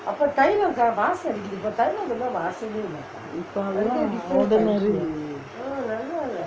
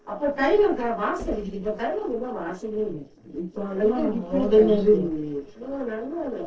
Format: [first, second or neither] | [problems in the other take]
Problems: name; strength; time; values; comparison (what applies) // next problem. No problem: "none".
first | noise reduction (neural separator model SepFormer DNS4)